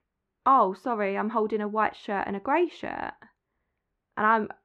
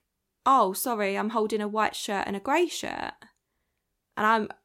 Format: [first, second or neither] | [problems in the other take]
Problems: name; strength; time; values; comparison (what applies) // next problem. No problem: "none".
second | muffled; very; fading above 1.5 kHz